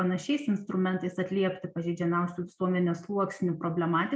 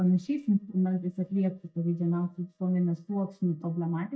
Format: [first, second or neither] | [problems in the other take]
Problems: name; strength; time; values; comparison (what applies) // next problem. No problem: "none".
first | noise reduction (neural mask model DeepFilterNet 3)